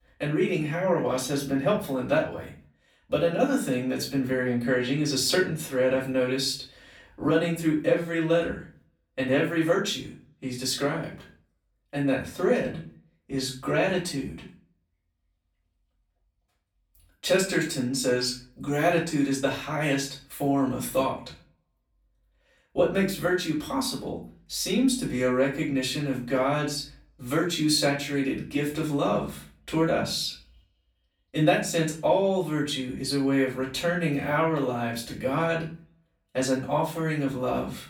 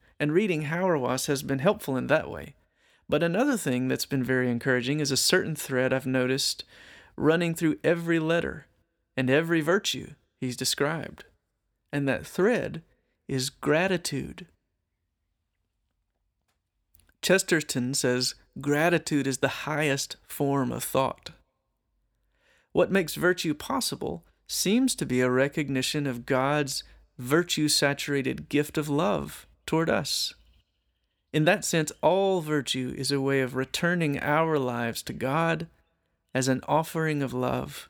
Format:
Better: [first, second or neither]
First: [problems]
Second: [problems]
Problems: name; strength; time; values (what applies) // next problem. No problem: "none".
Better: second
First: off-mic speech; far // room echo; slight; dies away in 0.3 s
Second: none